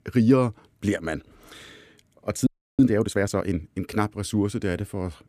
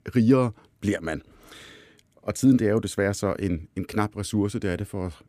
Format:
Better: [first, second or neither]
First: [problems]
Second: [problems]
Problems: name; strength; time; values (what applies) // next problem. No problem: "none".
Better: second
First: audio freezing; at 2.5 s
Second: none